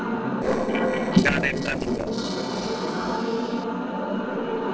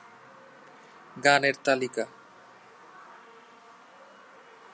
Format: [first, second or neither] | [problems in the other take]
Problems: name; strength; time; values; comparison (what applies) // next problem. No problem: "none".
second | noise reduction (neural separator model SepFormer DNS4)